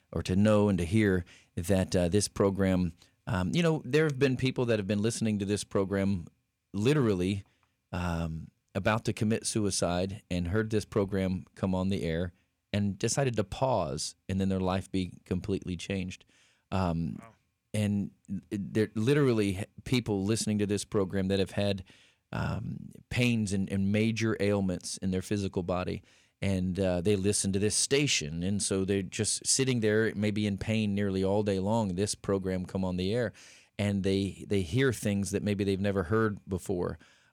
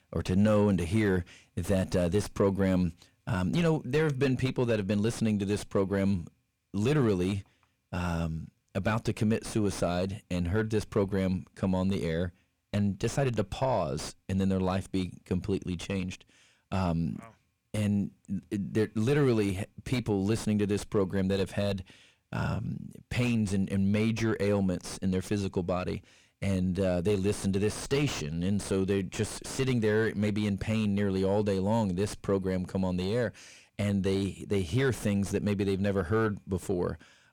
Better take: first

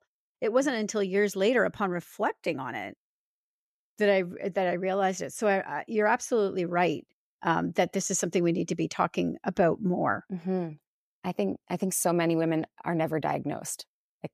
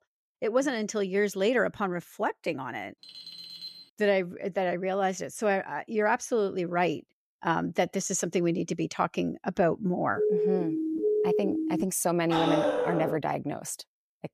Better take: first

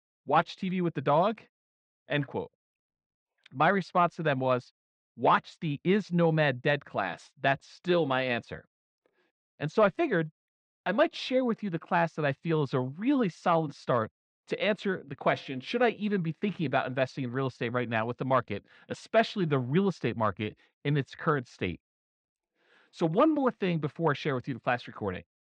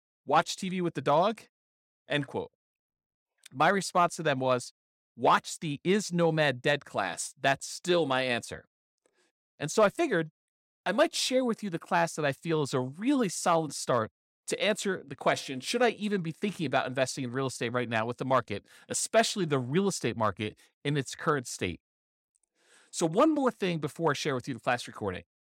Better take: second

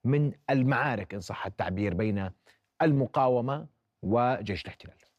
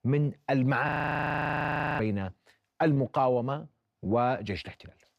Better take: first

